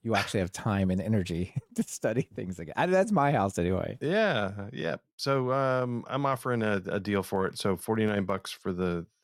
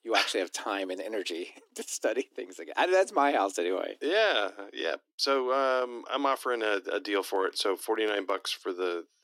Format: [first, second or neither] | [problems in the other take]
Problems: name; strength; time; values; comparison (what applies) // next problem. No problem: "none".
first | thin; somewhat; fading below 300 Hz